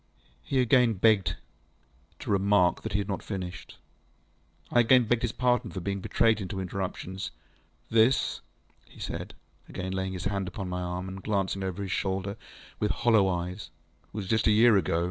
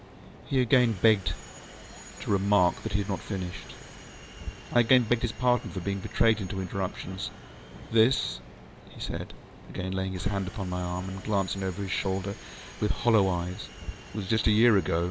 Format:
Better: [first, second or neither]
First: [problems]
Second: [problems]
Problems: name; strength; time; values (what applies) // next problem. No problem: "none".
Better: first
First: none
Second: background sound (Subway, metro, underground); 16 dB below the speech